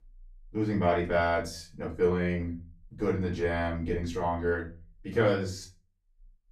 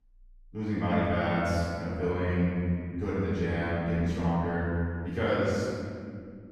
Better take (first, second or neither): first